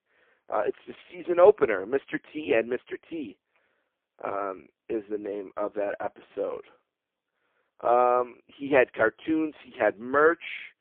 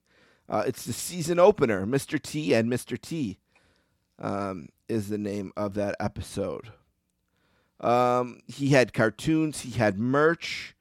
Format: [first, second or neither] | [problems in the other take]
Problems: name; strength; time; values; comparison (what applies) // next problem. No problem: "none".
second | phone-call audio; poor line